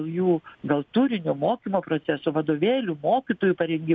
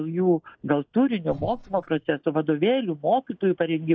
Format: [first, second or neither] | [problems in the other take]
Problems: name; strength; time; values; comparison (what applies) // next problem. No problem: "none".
first | noise reduction (neural mask model DeepFilterNet 3)